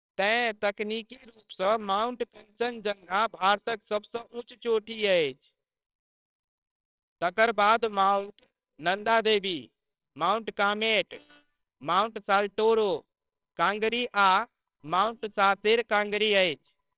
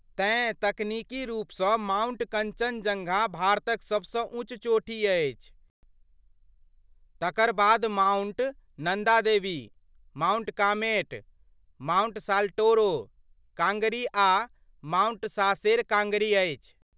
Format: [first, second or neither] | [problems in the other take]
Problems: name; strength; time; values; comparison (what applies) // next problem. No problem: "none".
second | noise reduction (neural separator model SepFormer WHAMR!)